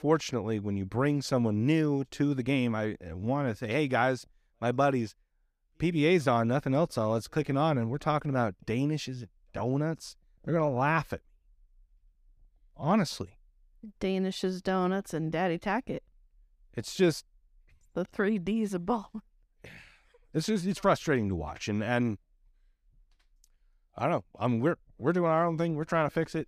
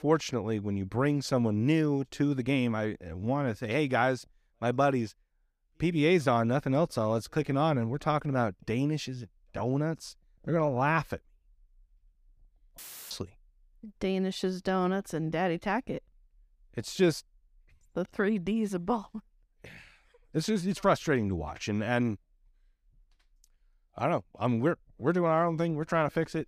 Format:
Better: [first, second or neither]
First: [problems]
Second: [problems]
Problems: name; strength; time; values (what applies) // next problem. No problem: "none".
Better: first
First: none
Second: audio cutting out; filled with static; at 13 s